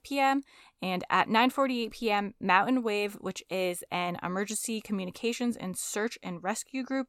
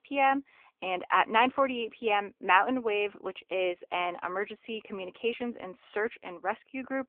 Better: first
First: none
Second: phone-call audio; nothing above 3 kHz

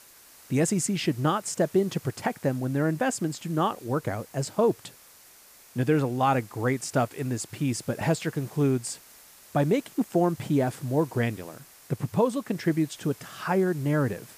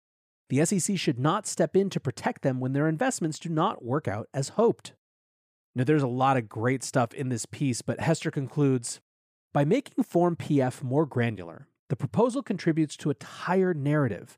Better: second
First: hiss; faint; throughout; 20 dB below the speech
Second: none

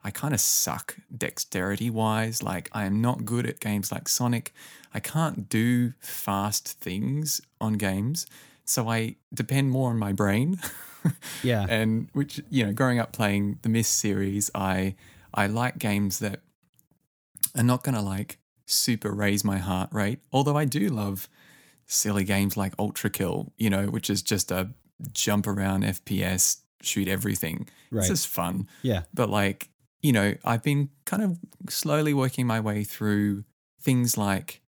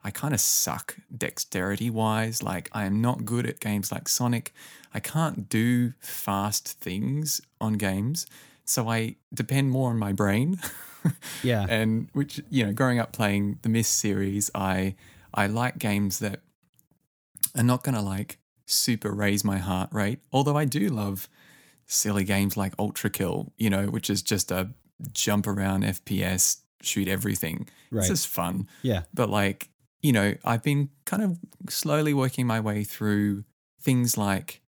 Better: neither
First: none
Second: none

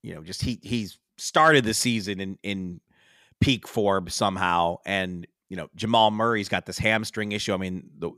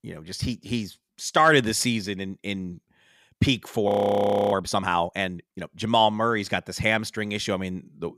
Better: first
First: none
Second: audio freezing; at 4 s for 0.5 s

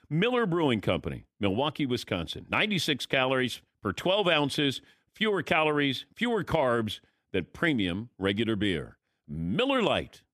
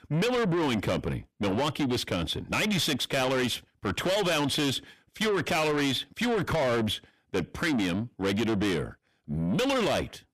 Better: first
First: none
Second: distortion; heavy; 6 dB below the speech

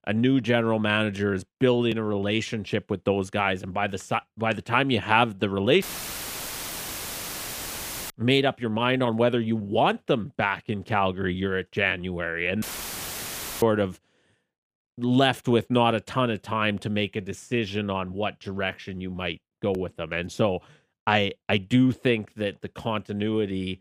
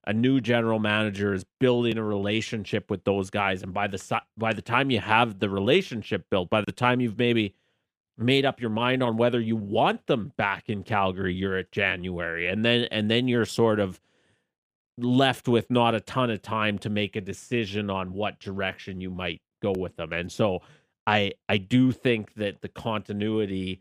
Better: second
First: audio cutting out; filled with static; at 6 s for 2.5 s and at 13 s for 1 s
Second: none

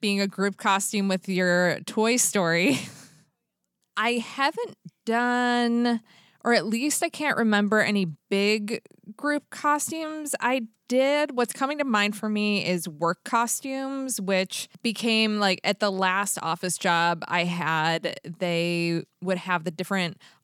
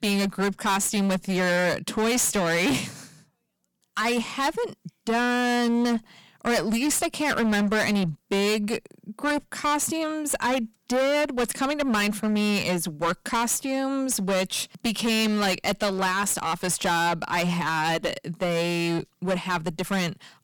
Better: first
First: none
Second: distortion; heavy; 20% of the sound clipped

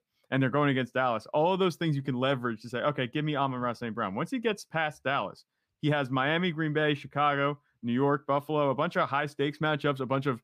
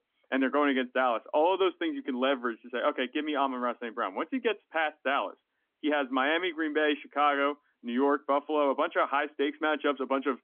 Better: first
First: none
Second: phone-call audio; nothing above 3.5 kHz

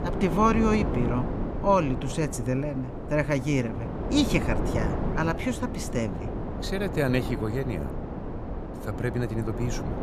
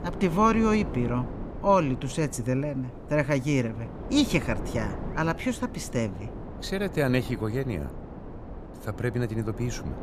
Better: second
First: wind noise on the microphone; heavy; 7 dB below the speech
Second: wind noise on the microphone; occasional gusts; 15 dB below the speech

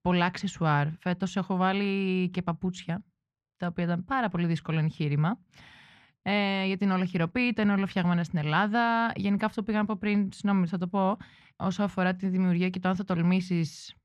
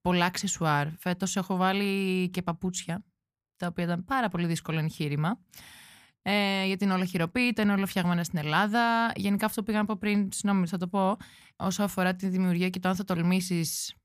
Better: second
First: muffled; slightly; fading above 3.5 kHz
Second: none

